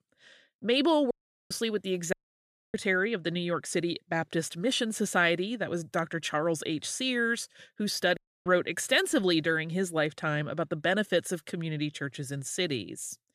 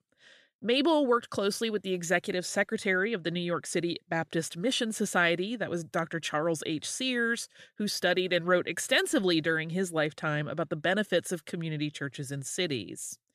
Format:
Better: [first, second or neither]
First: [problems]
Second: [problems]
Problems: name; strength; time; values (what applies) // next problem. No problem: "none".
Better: second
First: audio cutting out; at 1 s, at 2 s for 0.5 s and at 8 s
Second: none